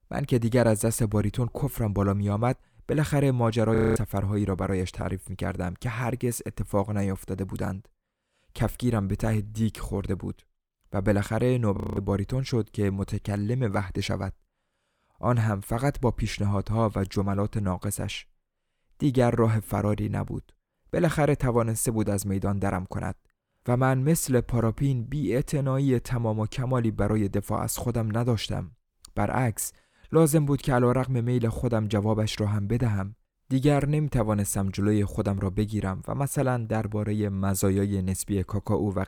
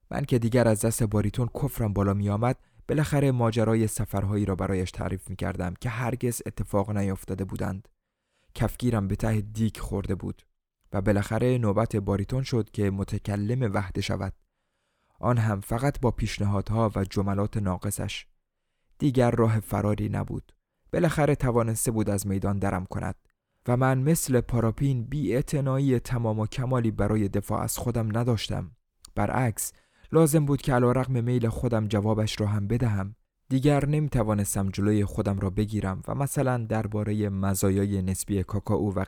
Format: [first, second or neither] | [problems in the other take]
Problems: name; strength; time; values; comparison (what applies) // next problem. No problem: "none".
second | audio freezing; at 4 s and at 12 s